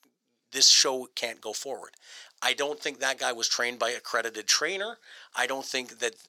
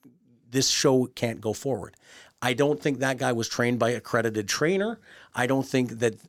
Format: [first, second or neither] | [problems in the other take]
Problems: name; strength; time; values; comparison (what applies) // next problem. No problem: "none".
second | thin; very; fading below 650 Hz